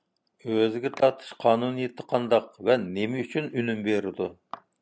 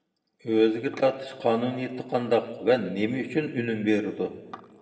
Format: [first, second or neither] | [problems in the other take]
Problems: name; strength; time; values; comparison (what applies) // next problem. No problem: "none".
first | room echo; dies away in 1.5 s